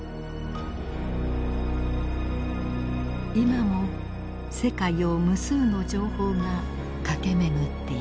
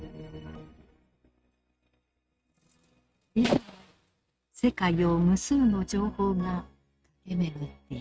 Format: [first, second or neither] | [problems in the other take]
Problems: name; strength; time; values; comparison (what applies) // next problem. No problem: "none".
first | noise reduction (neural mask model RNNoise)